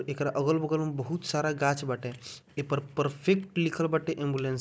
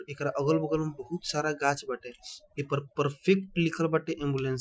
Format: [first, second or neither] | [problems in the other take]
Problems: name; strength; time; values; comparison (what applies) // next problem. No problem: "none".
first | noise reduction (classical method Wiener filter)